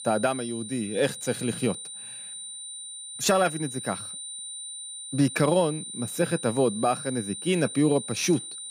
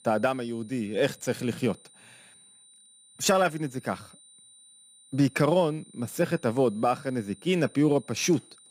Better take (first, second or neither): second